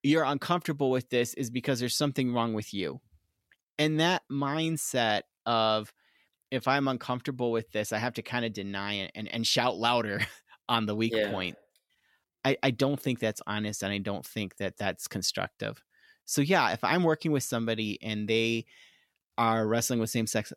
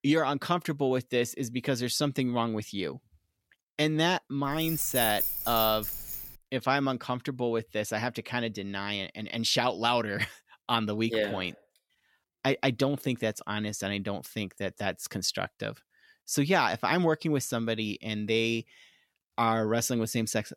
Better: first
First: none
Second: jangling keys; loud; from 4.5 to 6.5 s; peak 2 dB above the speech

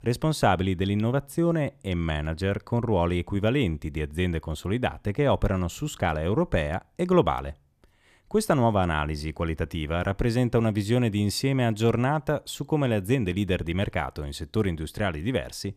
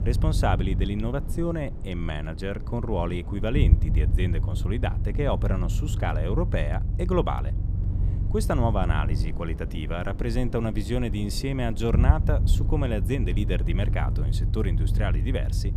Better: first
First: none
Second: low rumble; noticeable; throughout; 10 dB below the speech

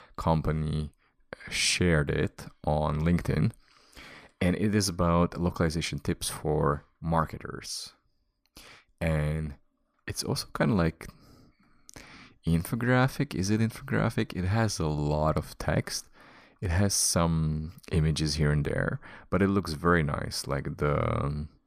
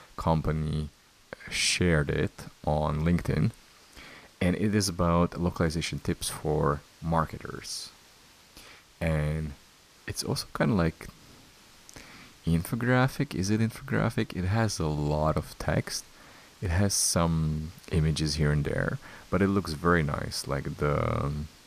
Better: first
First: none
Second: hiss; faint; throughout; 25 dB below the speech

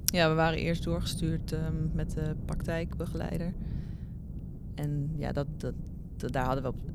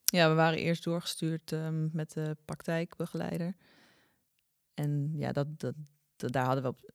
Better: second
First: low rumble; noticeable; throughout; 15 dB below the speech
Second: none

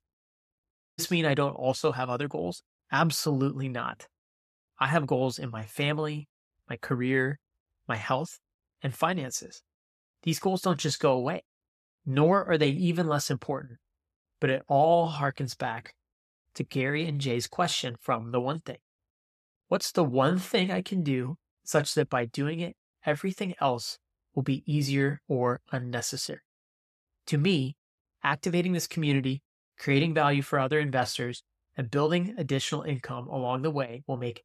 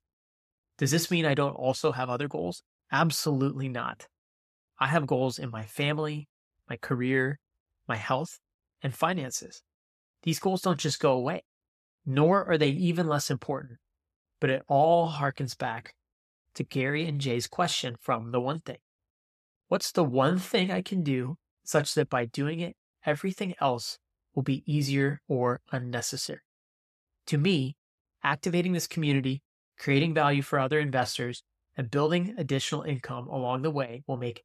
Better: second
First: audio cutting out; at 0.5 s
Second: none

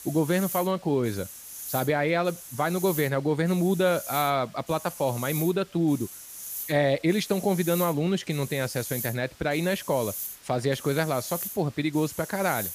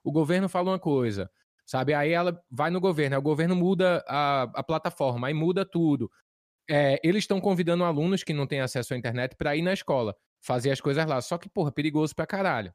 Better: second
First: hiss; loud; throughout; 10 dB below the speech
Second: none

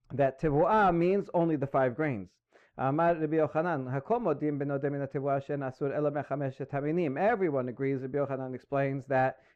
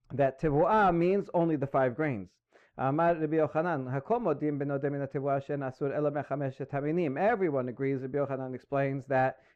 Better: neither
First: muffled; very; fading above 3 kHz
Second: muffled; very; fading above 3 kHz

